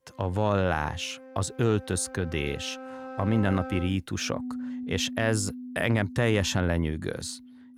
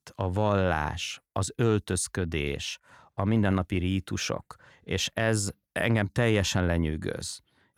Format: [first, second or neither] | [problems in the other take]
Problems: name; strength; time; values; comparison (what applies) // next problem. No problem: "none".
second | background music; noticeable; throughout; 10 dB below the speech